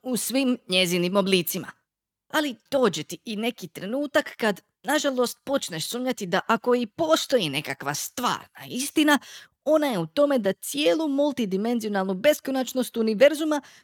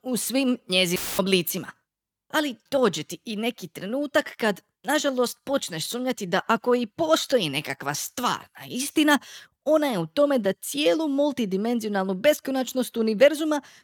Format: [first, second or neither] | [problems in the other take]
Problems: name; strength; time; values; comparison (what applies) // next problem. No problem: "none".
first | audio cutting out; filled with static; at 1 s